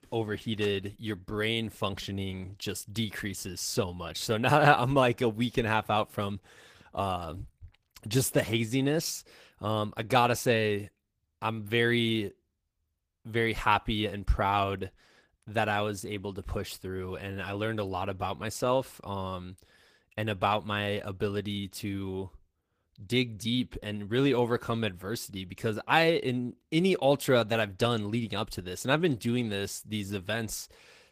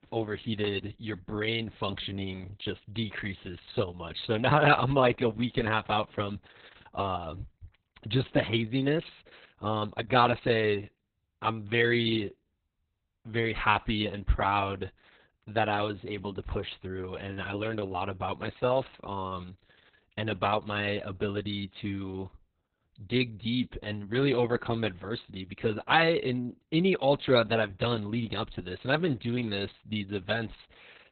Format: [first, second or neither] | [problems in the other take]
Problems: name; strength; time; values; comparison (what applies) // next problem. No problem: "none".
first | garbled, watery; badly; nothing above 4 kHz; slightly in the first